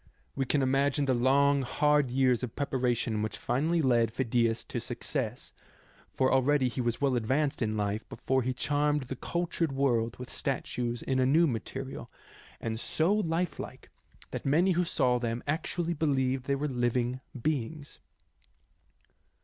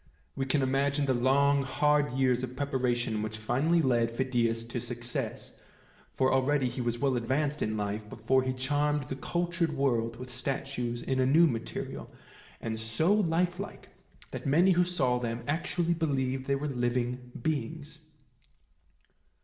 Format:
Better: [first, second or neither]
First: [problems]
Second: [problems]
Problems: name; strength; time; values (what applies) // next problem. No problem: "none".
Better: first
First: none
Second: room echo; dies away in 0.8 s